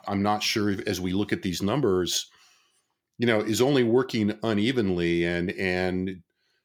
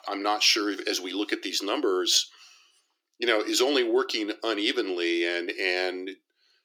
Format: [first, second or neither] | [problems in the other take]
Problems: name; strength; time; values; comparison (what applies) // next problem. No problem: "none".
first | thin; somewhat; fading below 300 Hz